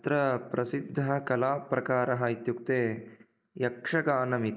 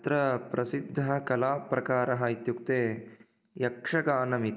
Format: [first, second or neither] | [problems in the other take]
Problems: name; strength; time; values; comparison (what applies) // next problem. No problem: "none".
second | noise reduction (neural mask model Resemble Enhance denoiser)